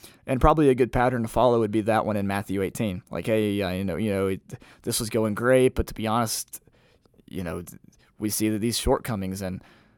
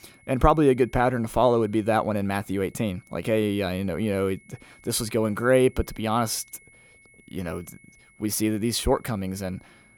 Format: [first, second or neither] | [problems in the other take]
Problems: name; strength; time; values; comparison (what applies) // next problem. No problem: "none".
first | high-pitched whine; faint; throughout; 2 kHz, 30 dB below the speech